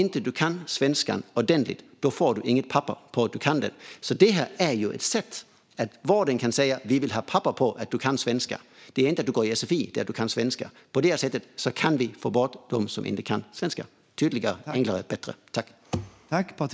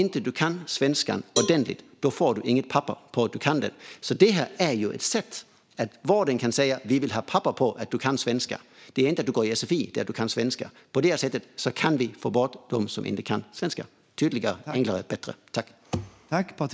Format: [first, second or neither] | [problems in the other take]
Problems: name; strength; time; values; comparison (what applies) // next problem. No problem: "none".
first | background sound (Cowbell); 11 dB below the speech